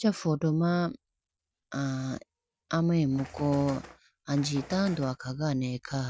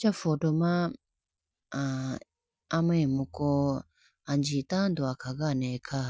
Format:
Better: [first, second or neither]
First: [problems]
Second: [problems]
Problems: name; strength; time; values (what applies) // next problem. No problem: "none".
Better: second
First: background sound (Bird); 16 dB below the speech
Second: none